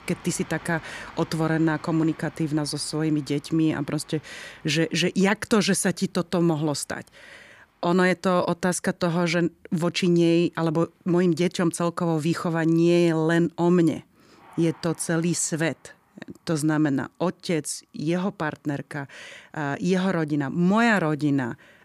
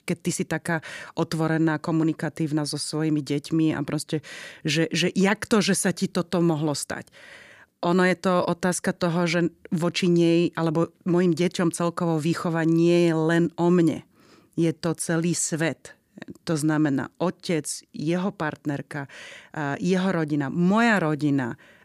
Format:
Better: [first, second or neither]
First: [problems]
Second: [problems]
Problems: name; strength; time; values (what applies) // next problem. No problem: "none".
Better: second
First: train or aircraft noise; faint; throughout; 25 dB below the speech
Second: none